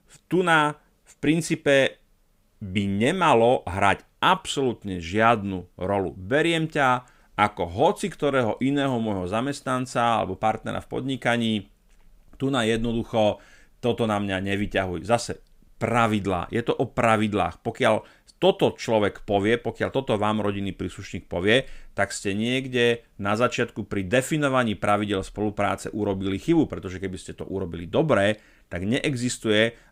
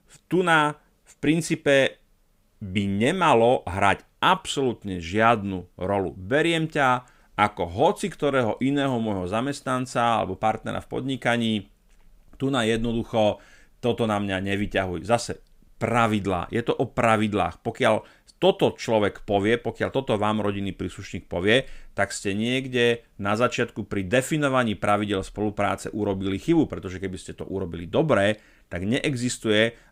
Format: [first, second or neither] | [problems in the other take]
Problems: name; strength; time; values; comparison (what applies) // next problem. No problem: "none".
neither | none